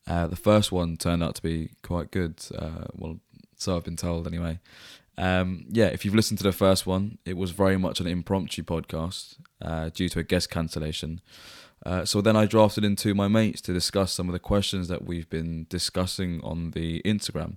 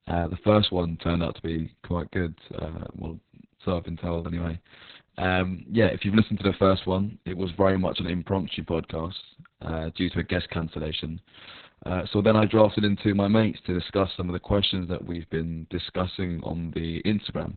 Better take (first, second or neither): first